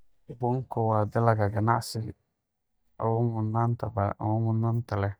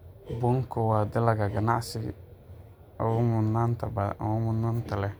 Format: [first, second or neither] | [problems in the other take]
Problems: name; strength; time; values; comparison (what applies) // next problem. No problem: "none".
second | noise reduction (neural mask model DeepFilterNet 3)